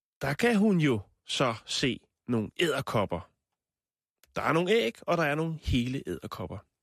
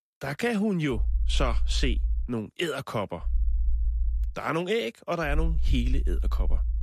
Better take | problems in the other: first | low rumble; faint; from 1 to 2 s, from 3.5 to 4.5 s and from 5.5 s on; 20 dB below the speech

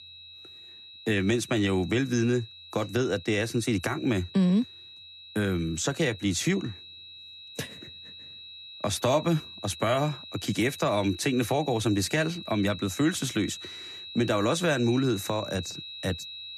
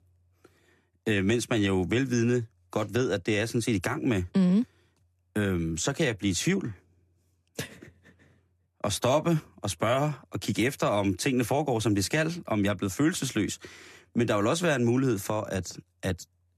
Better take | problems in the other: second | high-pitched whine; noticeable; throughout; 4 kHz, 15 dB below the speech

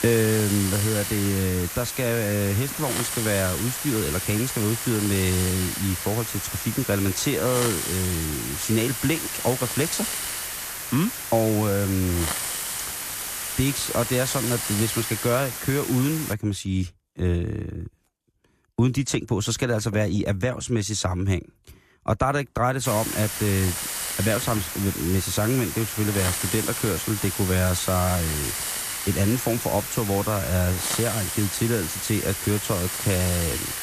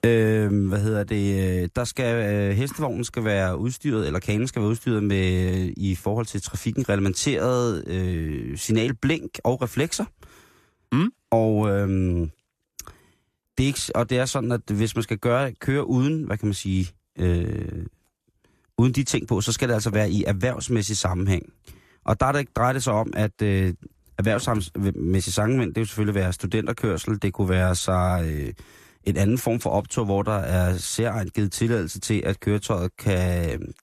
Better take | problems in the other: second | hiss; loud; until 16 s and from 23 s on; 3 dB below the speech

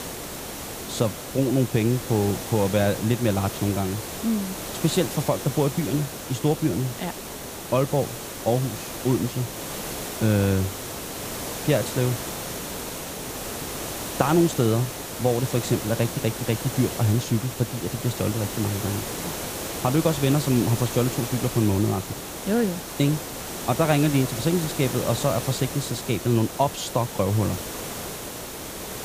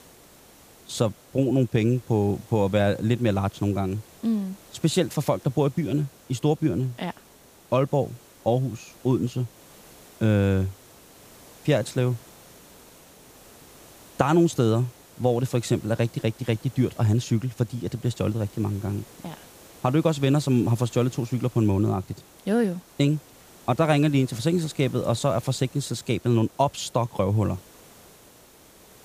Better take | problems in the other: second | hiss; loud; throughout; 7 dB below the speech; faint in the second

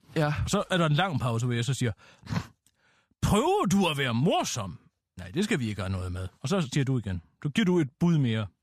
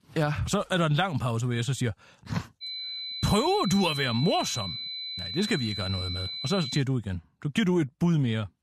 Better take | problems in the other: first | high-pitched whine; loud; from 2.5 to 7 s; 4 kHz, 5 dB below the speech

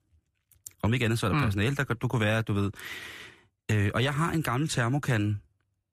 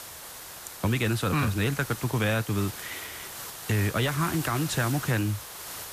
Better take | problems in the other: first | hiss; loud; throughout; 10 dB below the speech

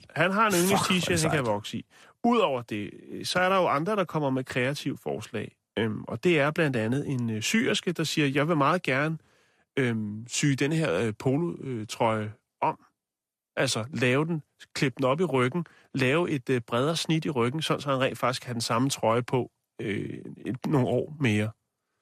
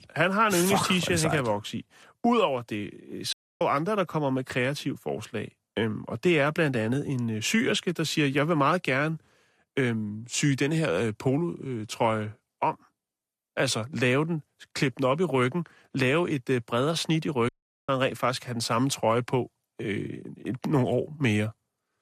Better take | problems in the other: first | audio cutting out; at 3.5 s and at 17 s

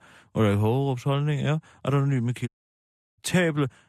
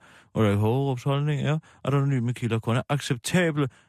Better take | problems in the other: second | audio cutting out; at 2.5 s for 0.5 s

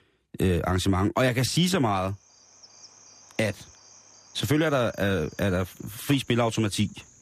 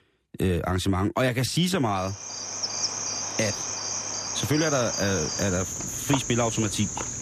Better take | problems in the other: first | animal sounds; loud; from 2.5 s on; 2 dB below the speech; faint in the first

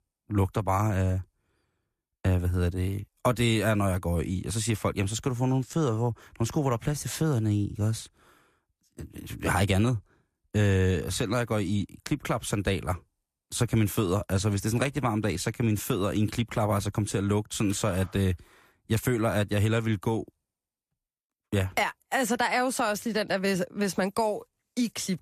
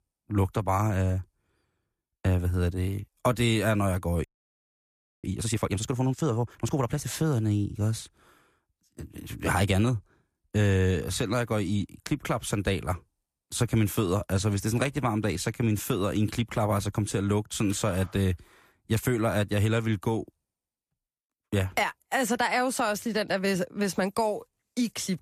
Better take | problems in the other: first | audio freezing; at 4 s for 1 s

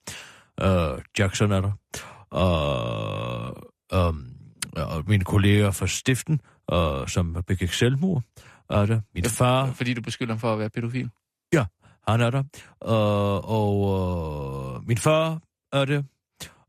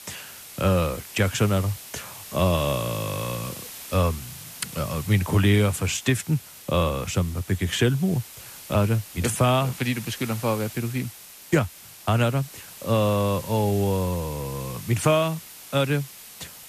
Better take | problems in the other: first | hiss; noticeable; throughout; 15 dB below the speech

